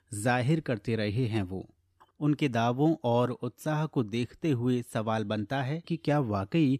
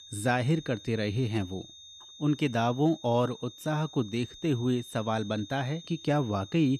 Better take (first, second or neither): first